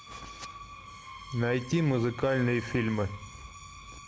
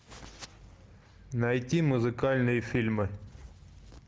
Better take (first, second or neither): second